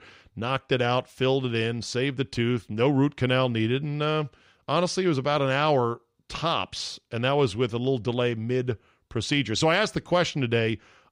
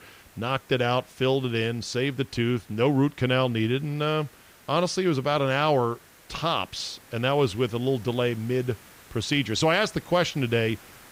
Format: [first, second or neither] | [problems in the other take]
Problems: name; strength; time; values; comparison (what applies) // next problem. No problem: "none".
first | hiss; faint; throughout; 25 dB below the speech